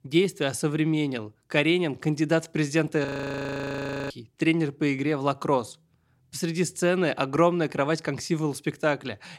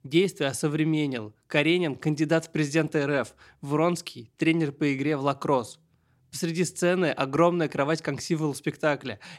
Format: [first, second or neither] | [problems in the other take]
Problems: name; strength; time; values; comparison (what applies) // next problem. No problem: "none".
second | audio freezing; at 3 s for 1 s